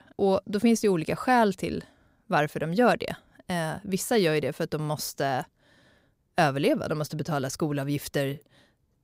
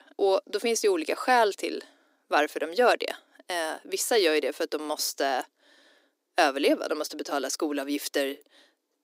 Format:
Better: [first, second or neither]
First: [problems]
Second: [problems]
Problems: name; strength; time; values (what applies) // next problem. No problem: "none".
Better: first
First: none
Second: thin; somewhat; fading below 300 Hz